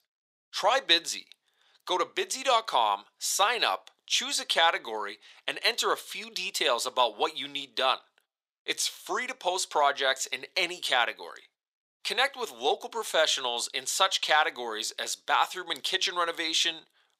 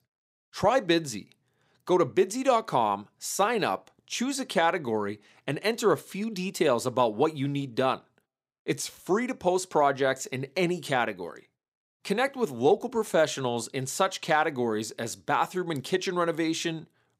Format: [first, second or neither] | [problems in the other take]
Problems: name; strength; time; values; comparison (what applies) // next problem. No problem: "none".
second | thin; very; fading below 750 Hz